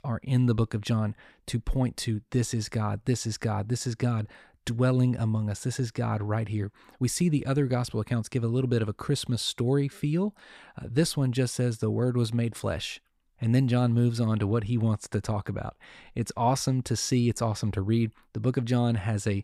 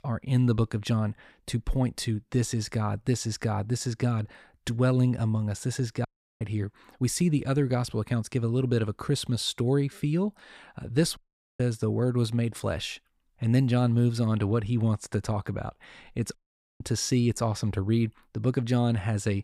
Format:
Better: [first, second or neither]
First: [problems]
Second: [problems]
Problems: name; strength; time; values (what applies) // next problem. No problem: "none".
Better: first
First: none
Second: audio cutting out; at 6 s, at 11 s and at 16 s